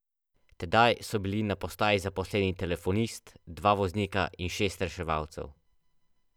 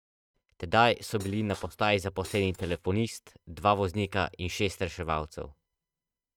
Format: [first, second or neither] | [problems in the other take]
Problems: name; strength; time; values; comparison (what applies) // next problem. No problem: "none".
first | noise reduction (neural mask model RNNoise)